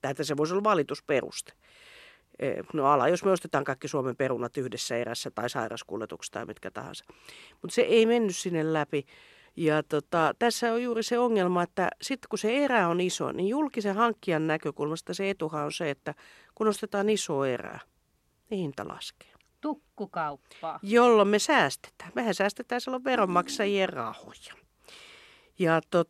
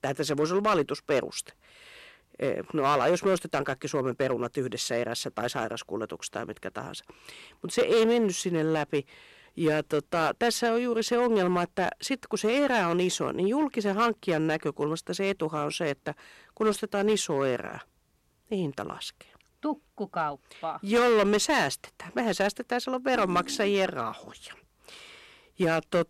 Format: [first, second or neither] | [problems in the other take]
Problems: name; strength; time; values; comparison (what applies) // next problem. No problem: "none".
first | distortion; slight; 4% of the sound clipped